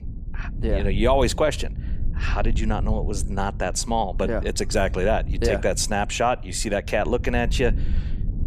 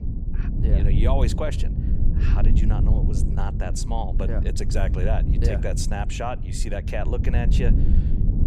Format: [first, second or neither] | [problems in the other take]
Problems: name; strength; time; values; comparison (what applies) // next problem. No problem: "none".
first | low rumble; loud; throughout; 6 dB below the speech; faint in the first